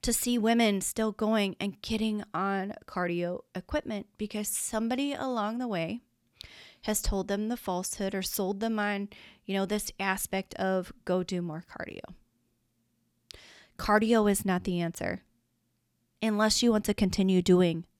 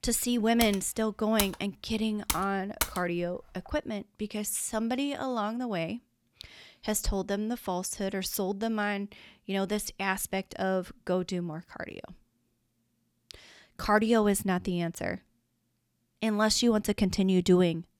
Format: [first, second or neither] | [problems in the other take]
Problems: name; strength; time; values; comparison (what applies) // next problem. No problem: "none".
first | keyboard typing; noticeable; from 0.5 to 3 s; peak 3 dB below the speech